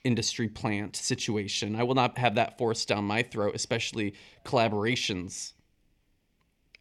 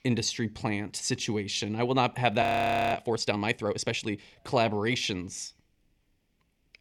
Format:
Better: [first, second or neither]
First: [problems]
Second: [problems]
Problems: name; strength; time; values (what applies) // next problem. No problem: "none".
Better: first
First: none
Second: audio freezing; at 2.5 s for 0.5 s